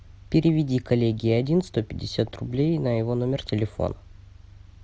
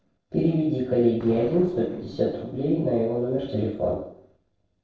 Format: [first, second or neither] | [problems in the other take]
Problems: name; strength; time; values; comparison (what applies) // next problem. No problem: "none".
first | noise reduction (neural separator model SepFormer DNS4)